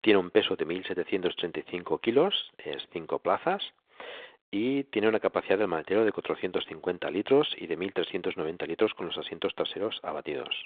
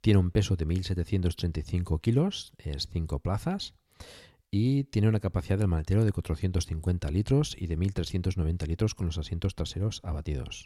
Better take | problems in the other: second | phone-call audio

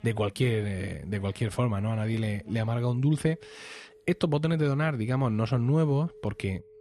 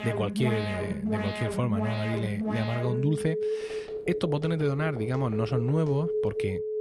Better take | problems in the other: first | alarms or sirens; loud; throughout; 3 dB below the speech; faint in the first

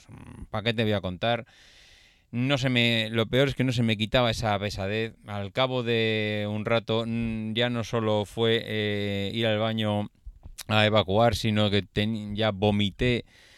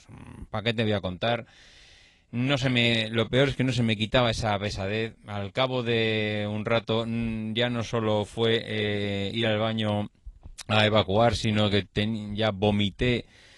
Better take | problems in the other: first | garbled, watery; slightly; nothing above 11 kHz

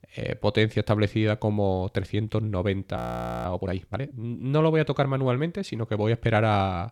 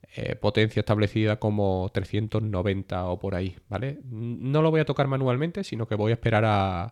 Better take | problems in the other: second | audio freezing; at 3 s

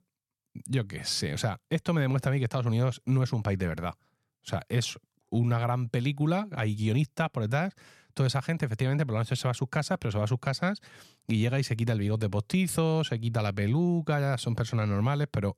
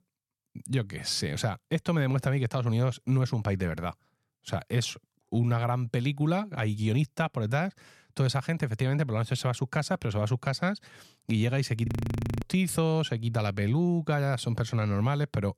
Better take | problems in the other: first | audio freezing; at 12 s for 0.5 s

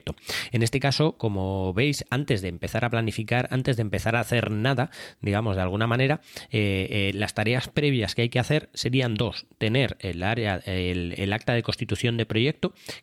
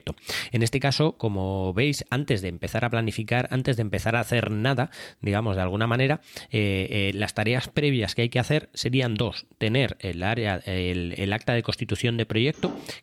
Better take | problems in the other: first | door banging; faint; at 12 s; peak 10 dB below the speech

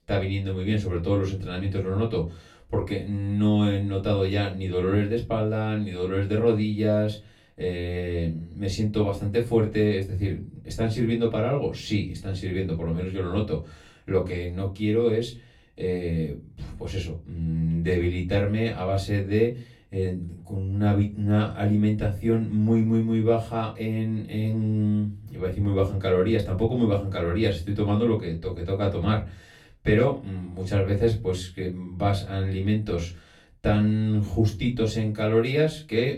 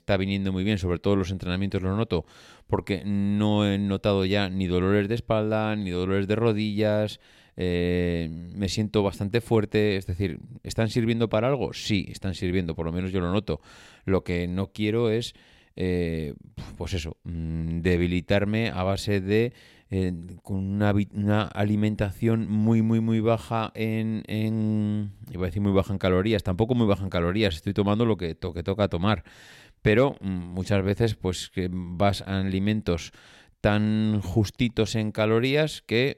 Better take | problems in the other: second | off-mic speech; far // room echo; very slight; dies away in 0.3 s

